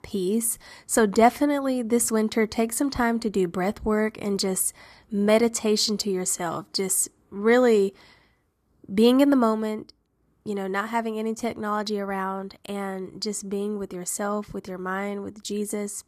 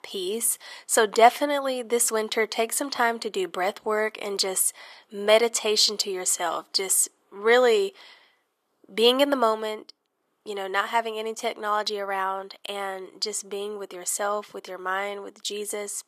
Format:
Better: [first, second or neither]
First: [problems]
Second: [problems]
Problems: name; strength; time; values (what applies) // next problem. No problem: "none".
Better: first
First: none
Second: thin; somewhat; fading below 550 Hz